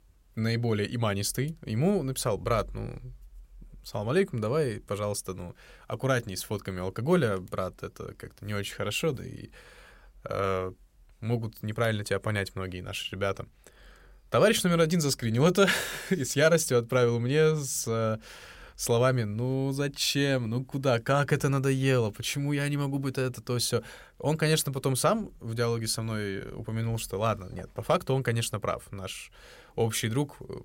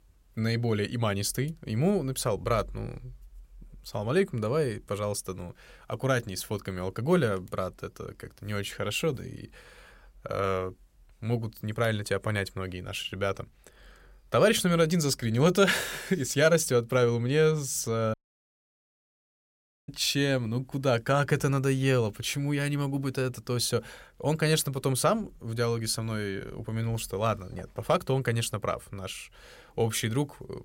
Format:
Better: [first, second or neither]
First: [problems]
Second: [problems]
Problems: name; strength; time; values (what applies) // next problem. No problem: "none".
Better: first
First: none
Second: audio cutting out; at 18 s for 1.5 s